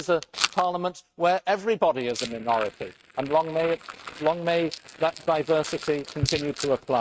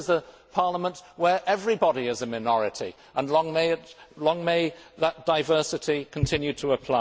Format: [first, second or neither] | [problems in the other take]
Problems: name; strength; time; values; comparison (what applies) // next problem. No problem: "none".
second | noise reduction (neural mask model RNNoise)